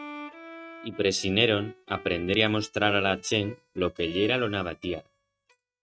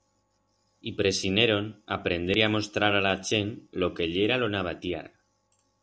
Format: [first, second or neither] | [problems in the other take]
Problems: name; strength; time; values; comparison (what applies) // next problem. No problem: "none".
second | noise reduction (neural mask model RNNoise)